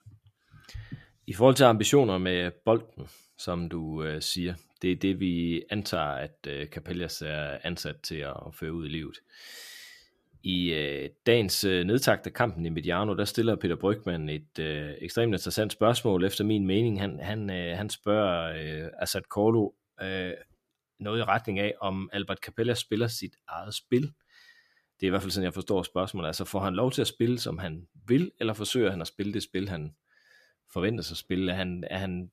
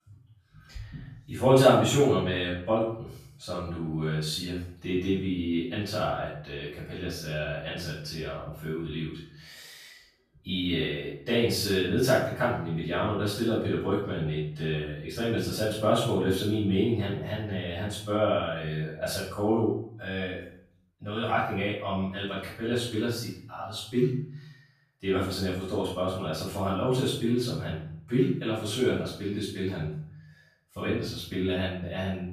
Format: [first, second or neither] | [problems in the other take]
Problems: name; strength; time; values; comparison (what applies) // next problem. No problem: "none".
first | off-mic speech; far // room echo; noticeable; dies away in 0.6 s